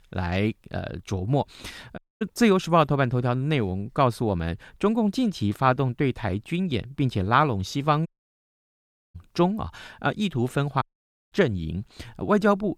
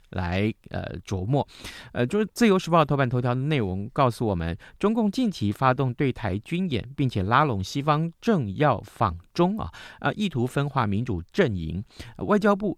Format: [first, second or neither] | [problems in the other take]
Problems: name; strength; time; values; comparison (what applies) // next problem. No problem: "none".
second | audio cutting out; at 2 s, at 8 s for 1 s and at 11 s for 0.5 s